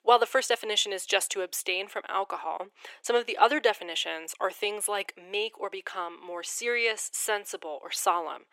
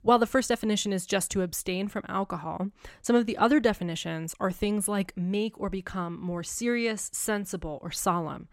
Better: second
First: thin; very; fading below 400 Hz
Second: none

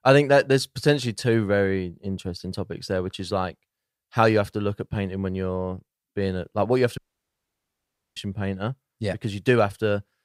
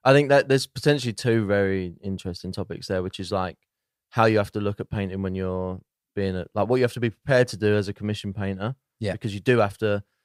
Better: second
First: audio cutting out; at 7 s for 1 s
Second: none

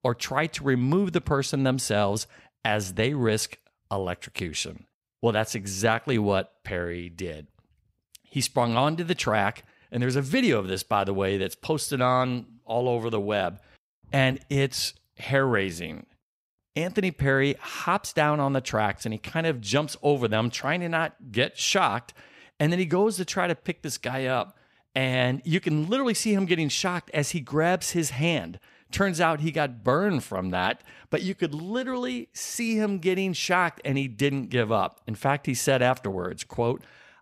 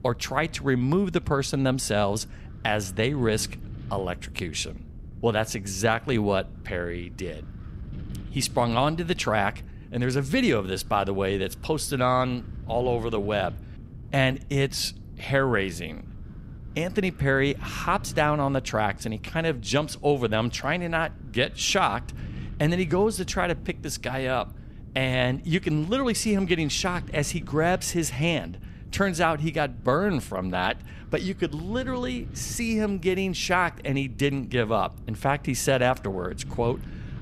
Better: first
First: none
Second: wind noise on the microphone; occasional gusts; 25 dB below the speech

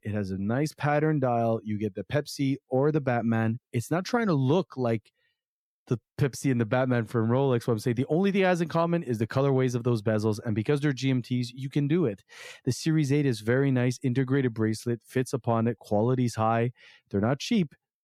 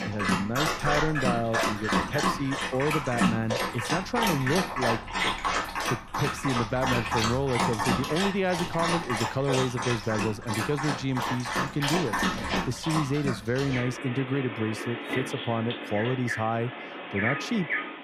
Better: first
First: none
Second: animal sounds; very loud; throughout; 1 dB above the speech

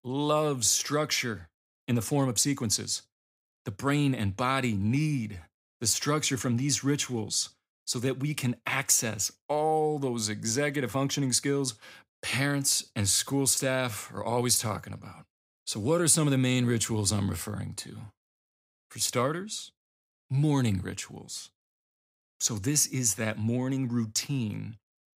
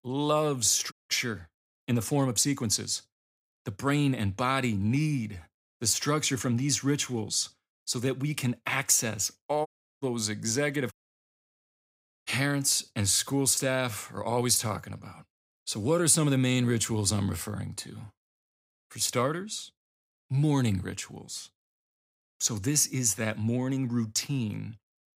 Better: first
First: none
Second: audio cutting out; at 1 s, at 9.5 s and at 11 s for 1.5 s

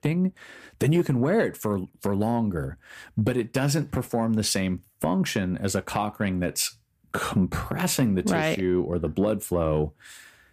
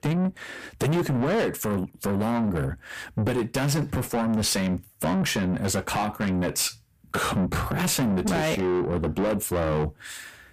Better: first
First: none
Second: distortion; heavy; 8 dB below the speech

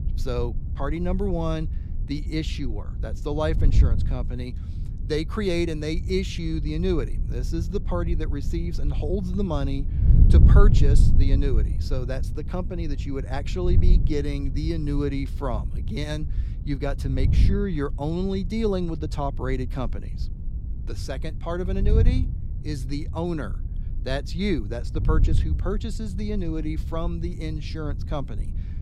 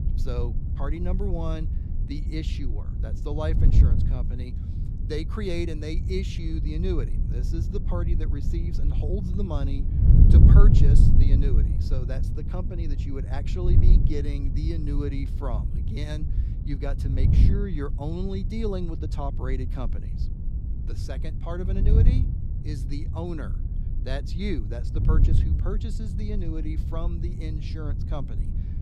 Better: first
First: wind noise on the microphone; occasional gusts; 10 dB below the speech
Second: wind noise on the microphone; heavy; 3 dB below the speech

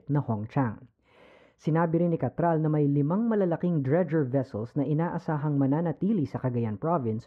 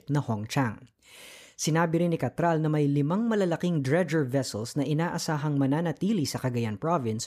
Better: second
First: muffled; very; fading above 3.5 kHz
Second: none

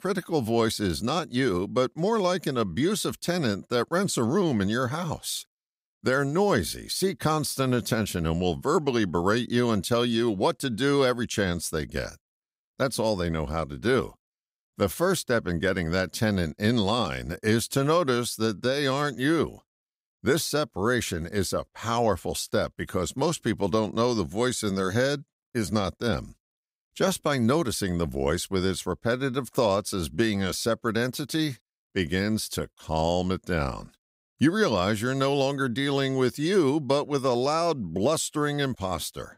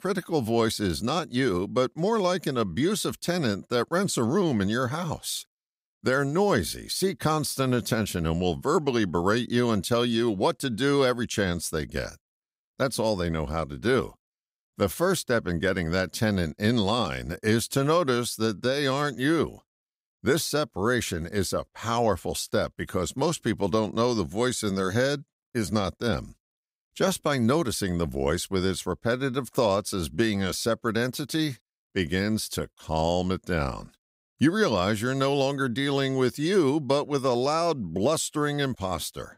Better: neither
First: none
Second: none

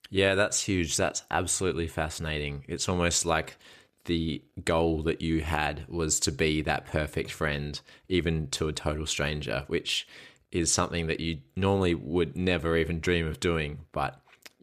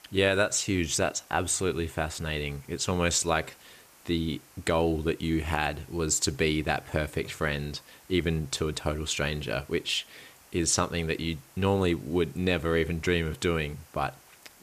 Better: first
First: none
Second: hiss; faint; throughout; 25 dB below the speech

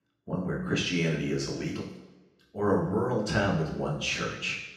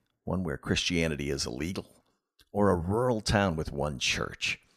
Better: second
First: room echo; noticeable; dies away in 0.9 s // off-mic speech; far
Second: none

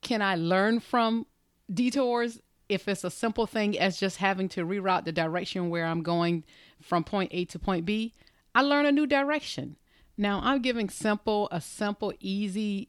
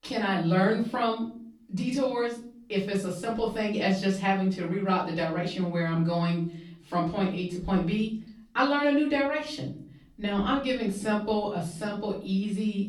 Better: first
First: none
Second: room echo; slight; dies away in 0.5 s // off-mic speech; far

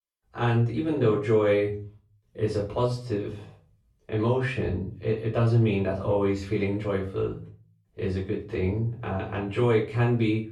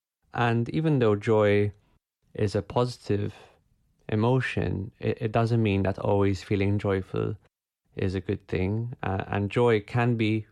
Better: second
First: off-mic speech; far // room echo; slight; dies away in 0.4 s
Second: none

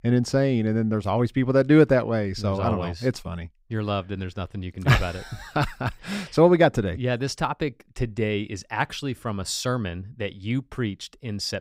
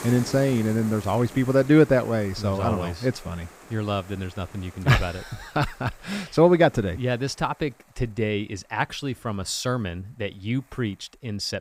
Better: first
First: none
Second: hiss; noticeable; throughout; 20 dB below the speech

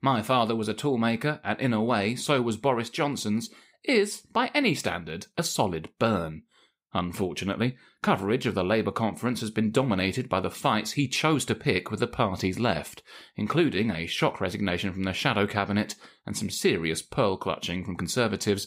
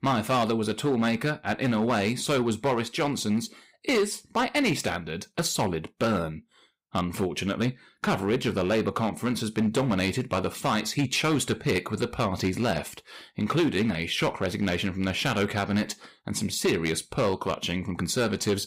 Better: first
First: none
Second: distortion; slight; 7% of the sound clipped

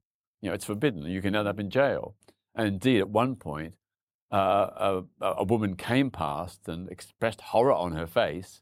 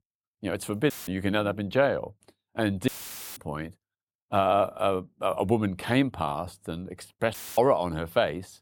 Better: first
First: none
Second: audio cutting out; filled with static; at 1 s, at 3 s and at 7.5 s

